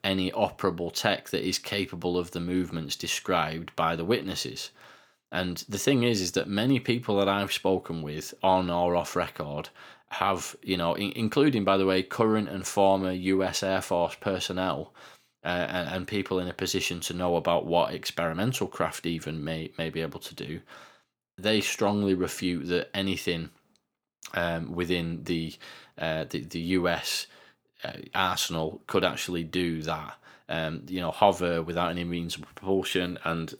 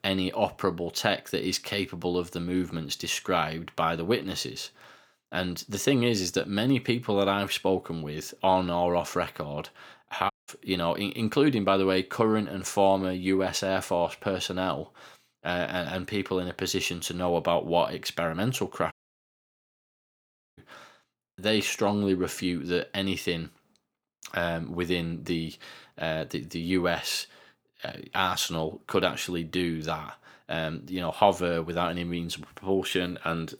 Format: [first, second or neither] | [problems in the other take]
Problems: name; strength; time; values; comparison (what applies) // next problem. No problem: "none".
first | audio cutting out; at 10 s and at 19 s for 1.5 s